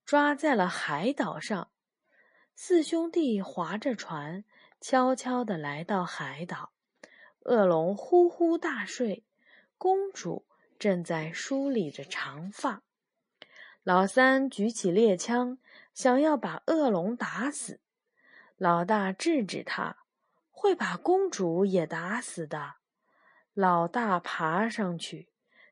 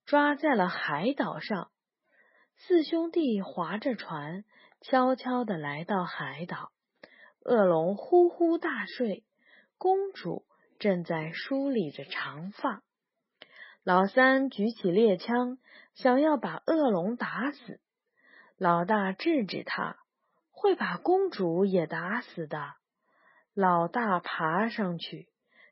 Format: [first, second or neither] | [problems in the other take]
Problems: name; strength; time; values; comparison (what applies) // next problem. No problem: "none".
first | garbled, watery; badly; nothing above 5.5 kHz; slightly in the first